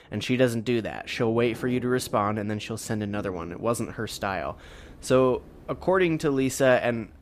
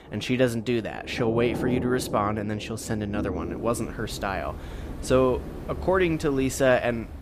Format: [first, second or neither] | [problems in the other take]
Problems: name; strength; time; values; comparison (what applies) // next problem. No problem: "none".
first | rain or running water; loud; throughout; 10 dB below the speech; faint in the first